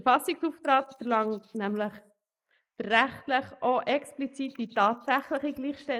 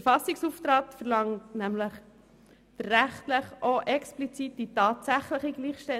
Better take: second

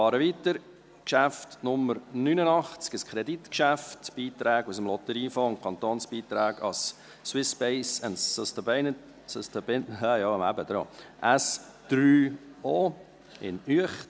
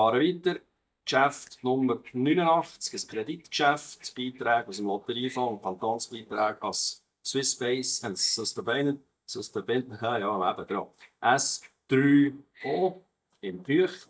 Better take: first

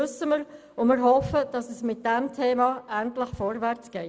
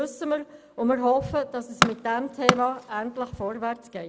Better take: first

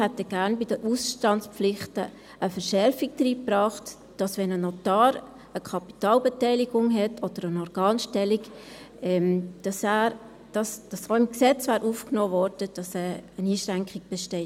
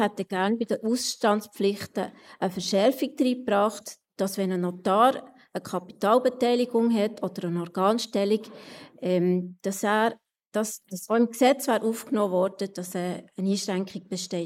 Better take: first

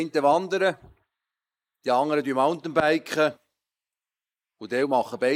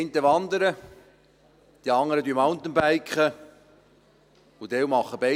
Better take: second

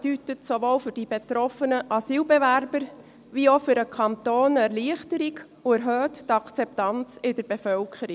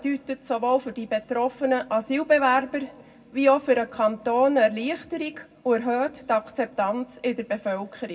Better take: first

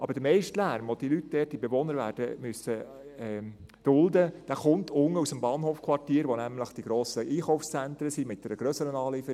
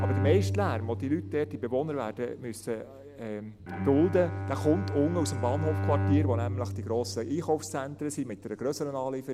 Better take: first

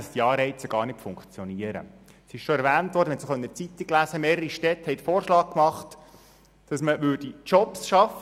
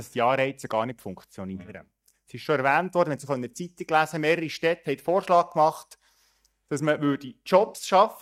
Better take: first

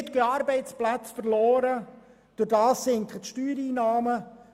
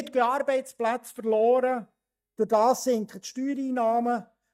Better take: first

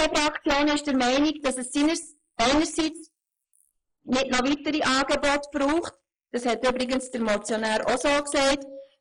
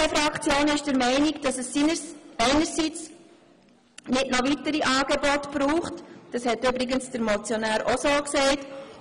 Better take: second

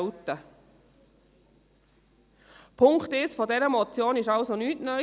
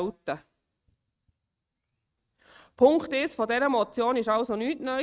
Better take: first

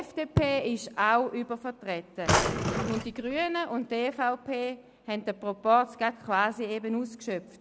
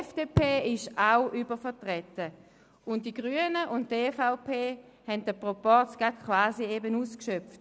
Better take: second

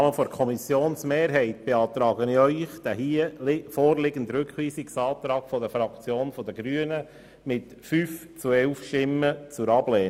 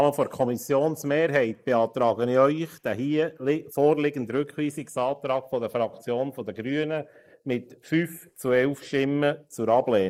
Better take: first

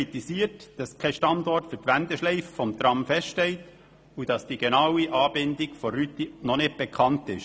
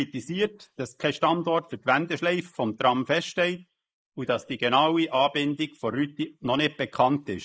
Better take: first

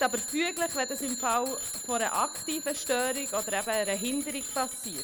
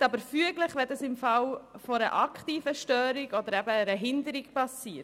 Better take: second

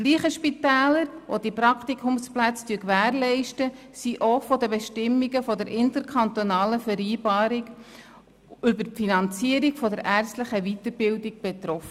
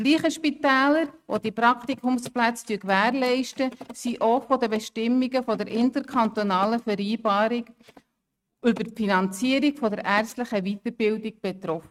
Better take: first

